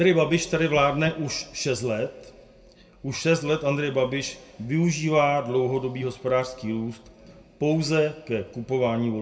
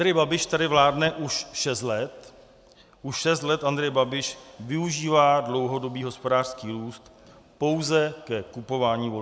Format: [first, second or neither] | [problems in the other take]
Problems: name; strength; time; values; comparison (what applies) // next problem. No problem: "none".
second | room echo; dies away in 0.2 s